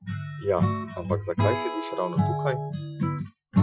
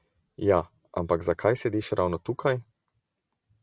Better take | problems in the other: second | noise reduction (classical method Wiener filter)

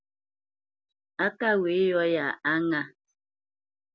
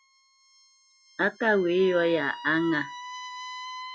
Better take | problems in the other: first | noise reduction (classical method log-MMSE)

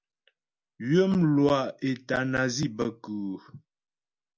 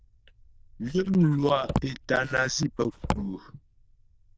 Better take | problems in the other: first | noise reduction (neural diffusion model UNIVERSE++)

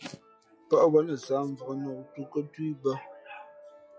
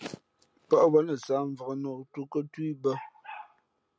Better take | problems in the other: second | noise reduction (classical method log-MMSE)

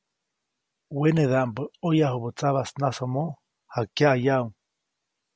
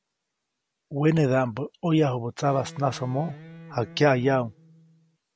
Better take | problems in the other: first | background sound (Electric guitar); 19 dB below the speech

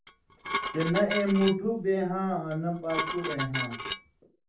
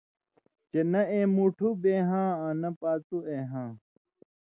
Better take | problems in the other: second | background sound (Dishes, pots, and pans); 6 dB below the speech // room echo; dies away in 0.3 s

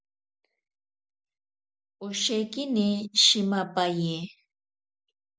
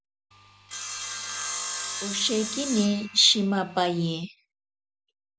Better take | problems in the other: first | background sound (Sawing); 7 dB below the speech

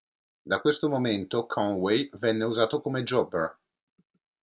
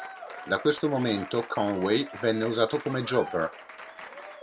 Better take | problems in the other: first | background sound (Applause / Crowd); 13 dB below the speech

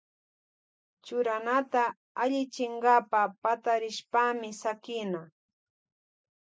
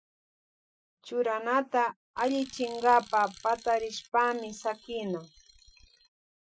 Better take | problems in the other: first | noise reduction (classical method Wiener filter)

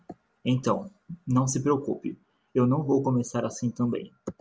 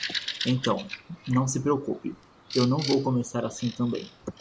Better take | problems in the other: first | background sound (Bird vocalization, bird call, bird song); 10 dB below the speech

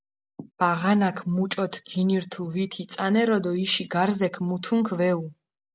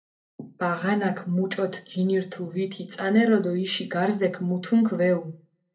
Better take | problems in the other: first | room echo; dies away in 0.3 s

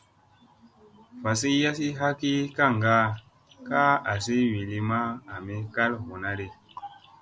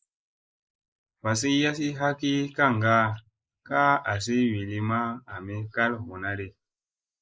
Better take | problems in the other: first | noise reduction (neural mask model Resemble Enhance denoiser)

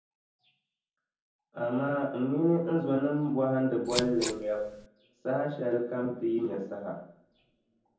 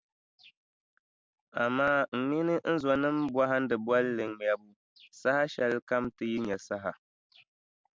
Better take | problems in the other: second | background sound (Scissors); 7 dB below the speech // room echo; dies away in 0.7 s

